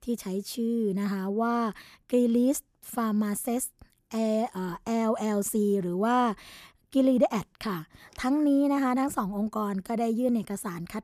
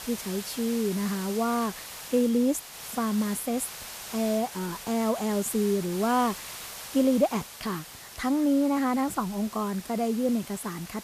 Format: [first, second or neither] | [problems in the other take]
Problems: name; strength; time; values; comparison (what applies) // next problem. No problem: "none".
first | hiss; noticeable; throughout; 10 dB below the speech